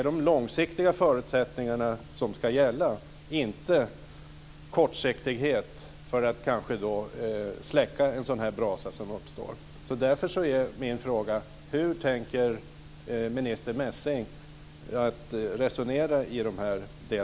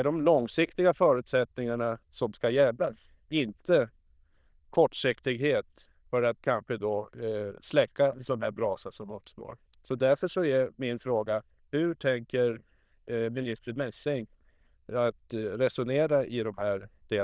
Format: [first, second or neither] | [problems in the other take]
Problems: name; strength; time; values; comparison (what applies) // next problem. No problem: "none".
first | noise reduction (neural diffusion model UNIVERSE++)